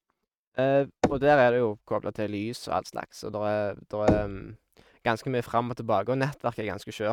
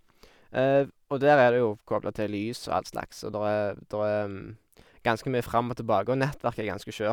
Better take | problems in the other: second | noise reduction (neural mask model RNNoise)

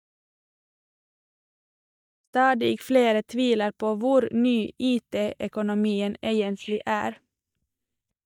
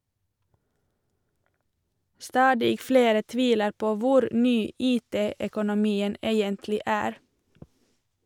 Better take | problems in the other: second | noise reduction (neural mask model DeepFilterNet 3)

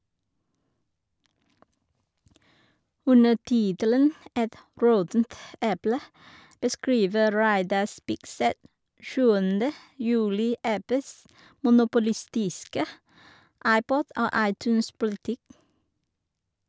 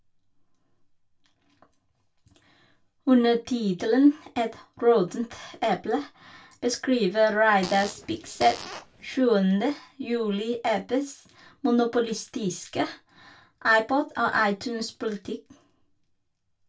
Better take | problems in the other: first | background sound (Fart); 14 dB below the speech // room echo; dies away in 0.2 s

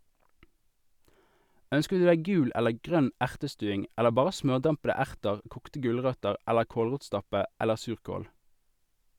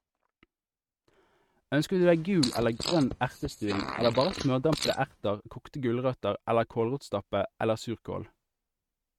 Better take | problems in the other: first | noise reduction (neural mask model RNNoise)

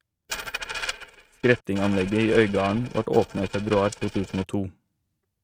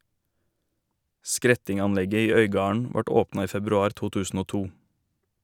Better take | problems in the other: second | noise reduction (neural mask model RNNoise)

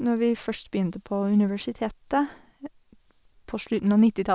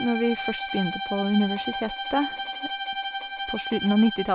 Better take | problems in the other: first | background sound (Bowed string instrument); 6 dB below the speech

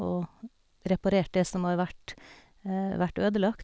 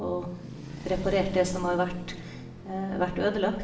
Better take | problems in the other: first | background sound (Traffic noise, roadway noise); 12 dB below the speech // room echo; dies away in 0.7 s

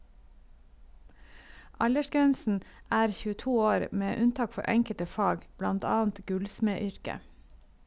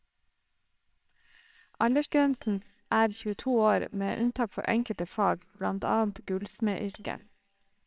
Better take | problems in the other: first | noise reduction (neural separator model SepFormer WHAMR!)

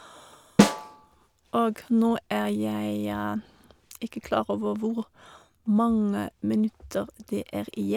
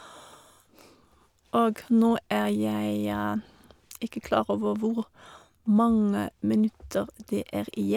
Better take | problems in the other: second | background sound (Snare drum); 3 dB above the speech

